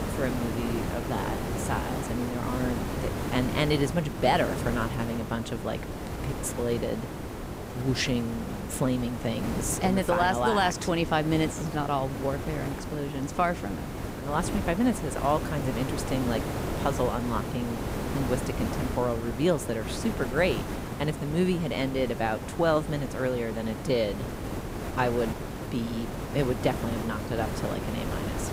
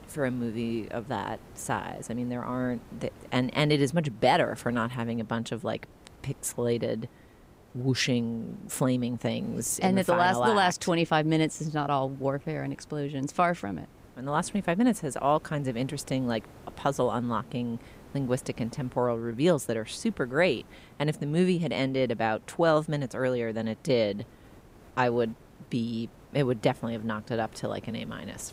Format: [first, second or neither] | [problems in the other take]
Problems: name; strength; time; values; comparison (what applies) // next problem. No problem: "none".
second | hiss; loud; throughout; 5 dB below the speech; faint in the second